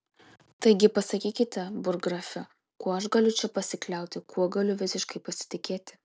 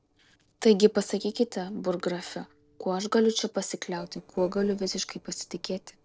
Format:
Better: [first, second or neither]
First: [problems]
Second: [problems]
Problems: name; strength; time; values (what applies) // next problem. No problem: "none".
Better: first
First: none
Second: noise reduction (neural separator model SepFormer DNS4)